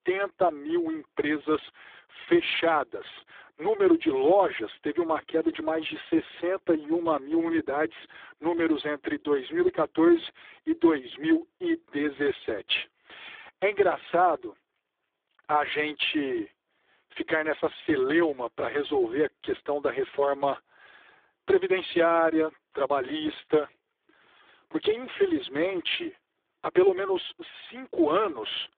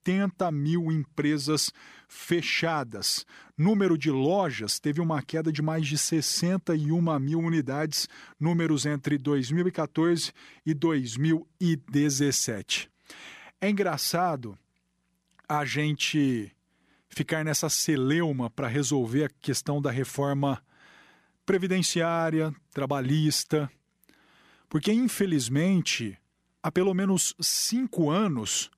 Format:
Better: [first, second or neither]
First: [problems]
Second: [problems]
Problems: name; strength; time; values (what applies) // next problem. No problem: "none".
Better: second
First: phone-call audio; poor line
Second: none